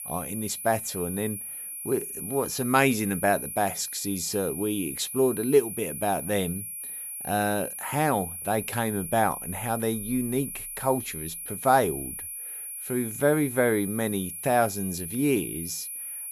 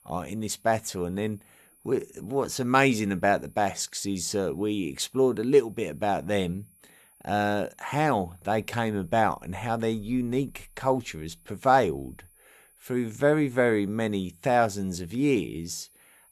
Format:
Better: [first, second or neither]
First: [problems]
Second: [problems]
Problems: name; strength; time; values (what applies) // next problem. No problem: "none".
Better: second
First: high-pitched whine; loud; throughout; 10 kHz, 7 dB below the speech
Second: high-pitched whine; faint; throughout; 10 kHz, 30 dB below the speech